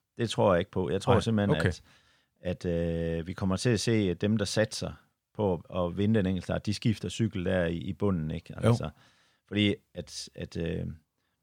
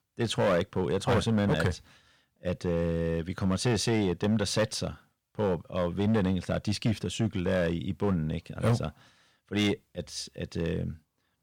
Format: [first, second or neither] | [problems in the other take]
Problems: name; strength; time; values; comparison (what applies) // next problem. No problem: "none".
first | distortion; slight; 6% of the sound clipped